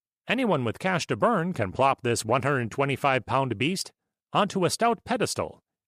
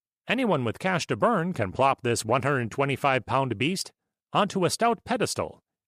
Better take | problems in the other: neither | none

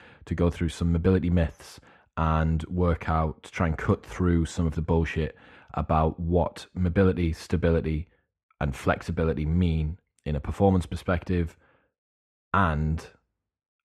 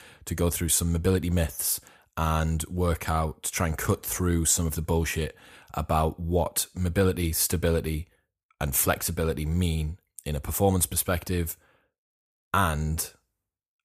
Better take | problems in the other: second | muffled; very; fading above 2.5 kHz

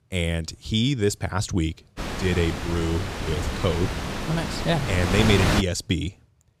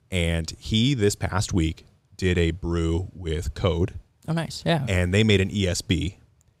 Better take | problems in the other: second | wind noise on the microphone; heavy; from 2 to 5.5 s; 1 dB below the speech

